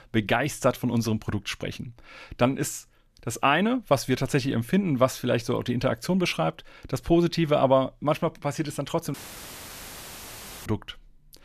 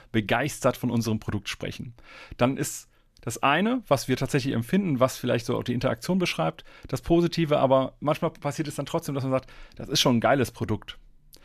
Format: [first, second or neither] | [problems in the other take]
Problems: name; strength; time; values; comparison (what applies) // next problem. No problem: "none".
second | audio cutting out; filled with static; at 9 s for 1.5 s